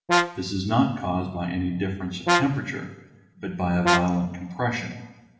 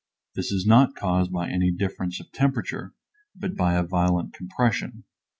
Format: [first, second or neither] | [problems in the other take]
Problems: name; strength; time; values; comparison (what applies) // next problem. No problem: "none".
second | background sound (Brass instrument); 1 dB below the speech // room echo; dies away in 1 s